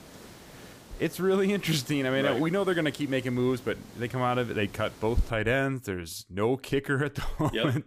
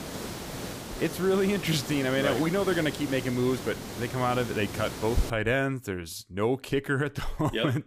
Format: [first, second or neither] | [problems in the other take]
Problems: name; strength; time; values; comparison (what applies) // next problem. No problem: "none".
first | hiss; loud; until 5.5 s; 9 dB below the speech; faint in the first